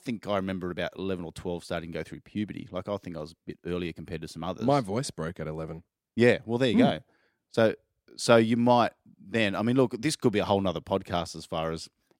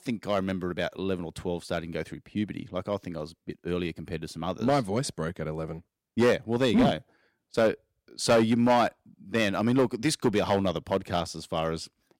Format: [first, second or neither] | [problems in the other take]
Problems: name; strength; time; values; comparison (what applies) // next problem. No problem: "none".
first | distortion; slight; 2% of the sound clipped